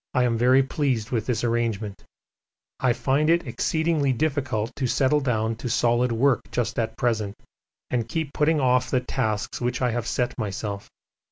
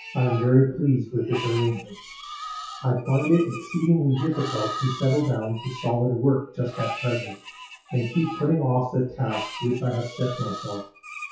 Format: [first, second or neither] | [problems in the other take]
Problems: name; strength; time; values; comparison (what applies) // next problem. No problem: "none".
first | noise reduction (classical method WPE with log-MMSE)